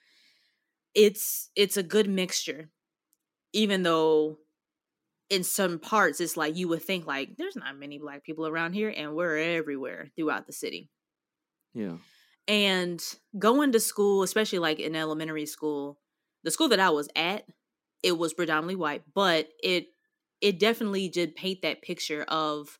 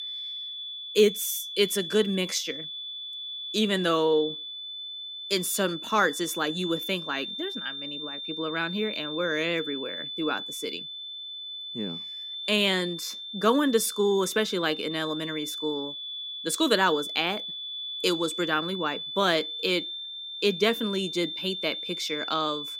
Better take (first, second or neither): first